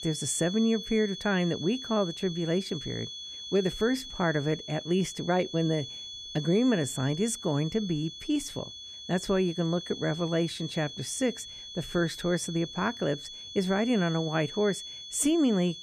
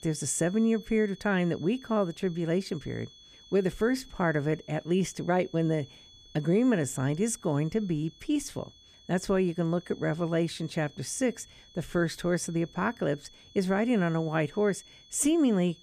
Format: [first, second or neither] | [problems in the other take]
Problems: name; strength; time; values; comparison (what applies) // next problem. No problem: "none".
second | high-pitched whine; loud; throughout; 3.5 kHz, 10 dB below the speech; faint in the second